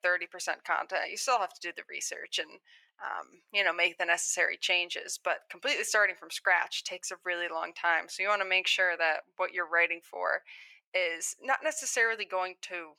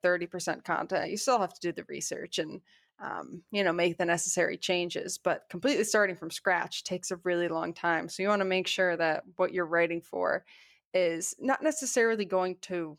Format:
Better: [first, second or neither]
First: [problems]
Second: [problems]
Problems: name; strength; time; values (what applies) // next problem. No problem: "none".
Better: second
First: thin; very; fading below 800 Hz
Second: none